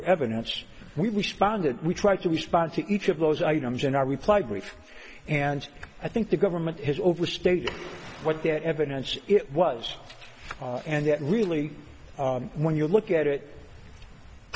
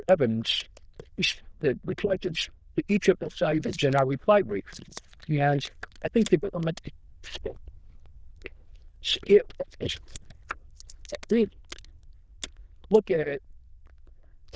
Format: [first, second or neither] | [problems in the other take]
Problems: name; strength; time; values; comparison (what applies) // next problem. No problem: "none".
first | noise reduction (neural diffusion model UNIVERSE++)